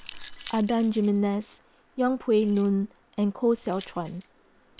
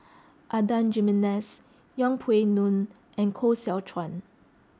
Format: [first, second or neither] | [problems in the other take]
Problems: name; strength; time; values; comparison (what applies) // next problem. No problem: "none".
second | noise reduction (neural separator model SepFormer WHAM!)